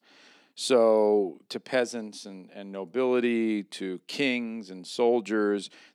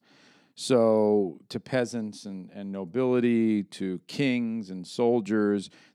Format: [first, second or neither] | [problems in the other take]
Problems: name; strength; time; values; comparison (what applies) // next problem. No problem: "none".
second | thin; very slightly; fading below 300 Hz